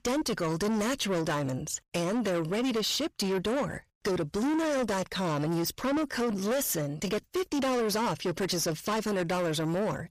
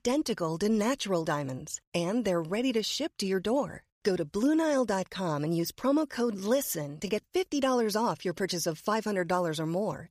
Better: second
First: distortion; heavy; 7 dB below the speech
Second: none

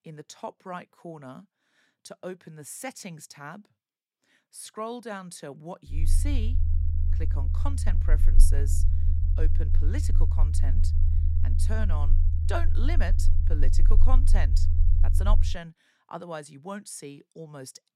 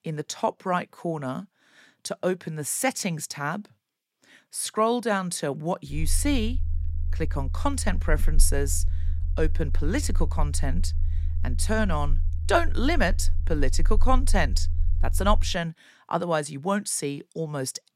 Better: second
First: low rumble; loud; from 6 to 16 s; 6 dB below the speech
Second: low rumble; faint; from 6 to 16 s; 20 dB below the speech

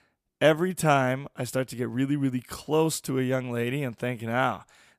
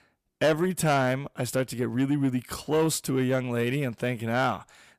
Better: first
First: none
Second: distortion; slight; 10 dB below the speech

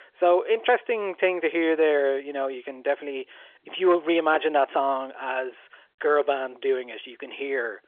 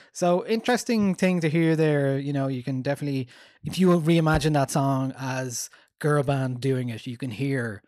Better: second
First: phone-call audio; nothing above 3.5 kHz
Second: none

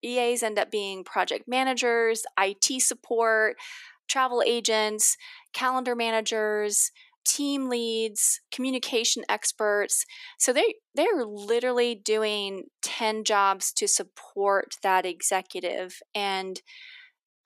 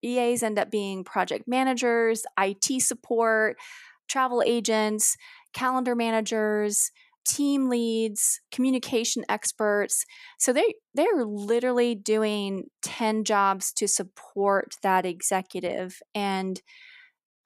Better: second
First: thin; very slightly; fading below 300 Hz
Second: none

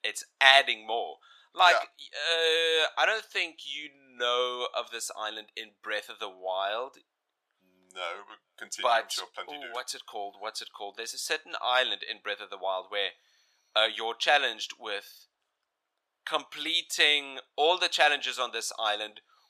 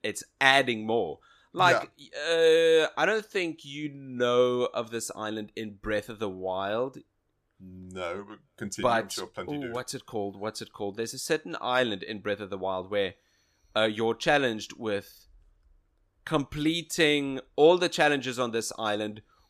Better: second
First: thin; very; fading below 800 Hz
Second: none

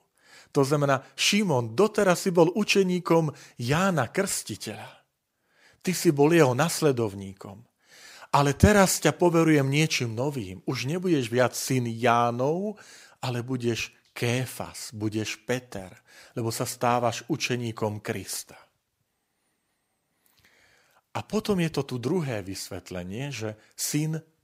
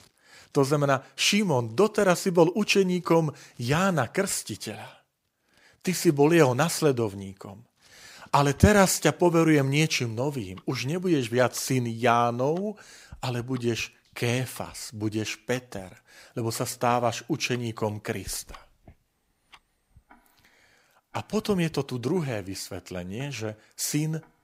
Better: first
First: none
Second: household noises; faint; throughout; 30 dB below the speech

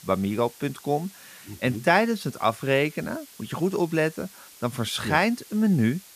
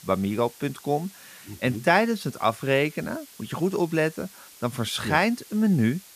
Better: neither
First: hiss; faint; throughout; 20 dB below the speech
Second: hiss; faint; throughout; 20 dB below the speech

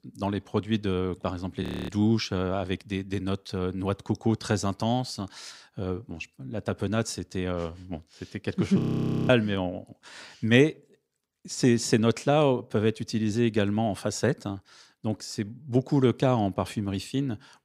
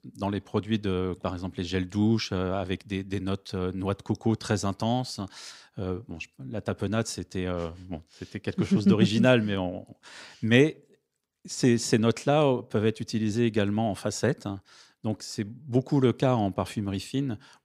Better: second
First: audio freezing; at 1.5 s and at 9 s for 0.5 s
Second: none

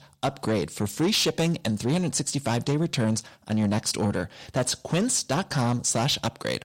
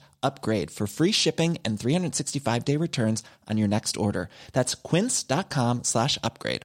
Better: second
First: distortion; slight; 10 dB below the speech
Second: none

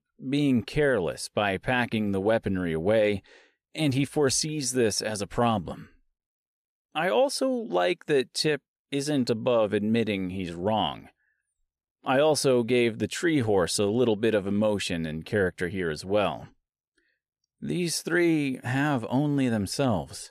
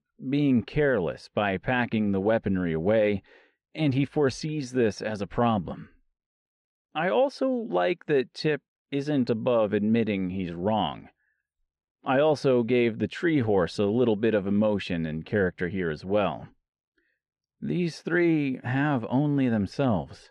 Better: first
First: none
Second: muffled; slightly; fading above 3 kHz

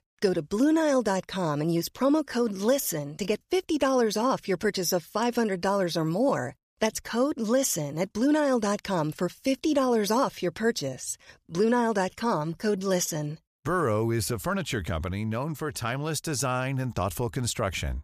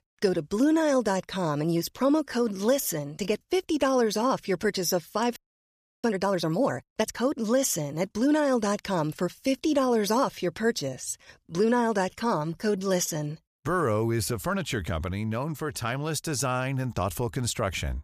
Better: first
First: none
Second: audio freezing; at 5.5 s for 0.5 s

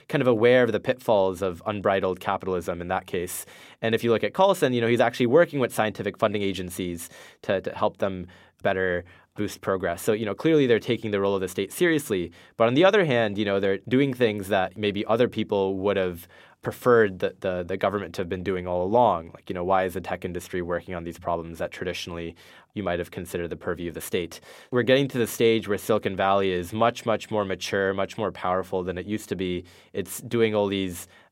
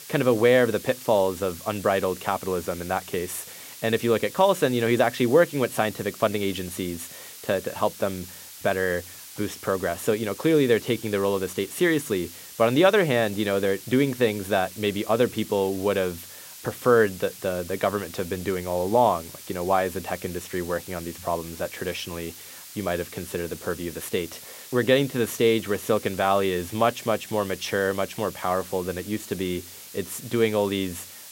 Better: first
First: none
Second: hiss; noticeable; throughout; 15 dB below the speech

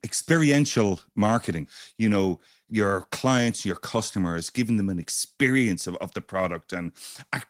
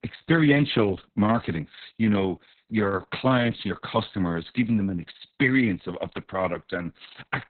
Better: first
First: garbled, watery; slightly; nothing above 16 kHz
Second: garbled, watery; badly; nothing above 4 kHz

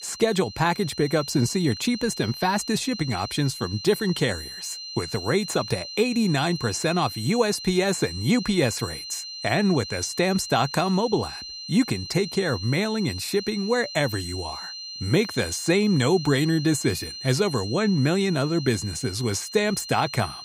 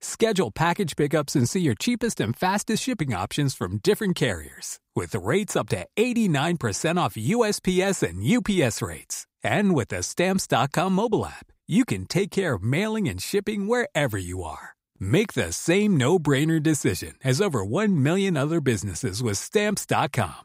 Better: second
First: high-pitched whine; noticeable; throughout; 4 kHz, 10 dB below the speech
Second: none

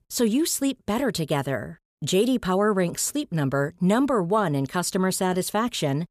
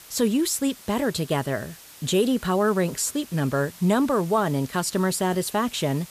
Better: first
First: none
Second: hiss; noticeable; throughout; 20 dB below the speech

